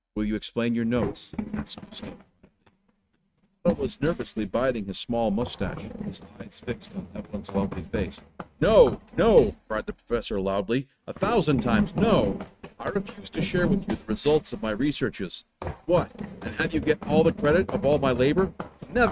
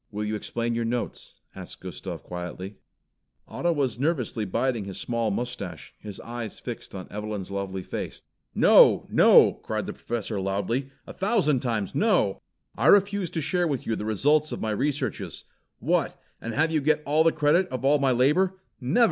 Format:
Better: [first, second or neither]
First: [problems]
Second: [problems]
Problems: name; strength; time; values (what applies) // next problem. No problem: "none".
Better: second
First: noise reduction (neural mask model RNNoise)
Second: none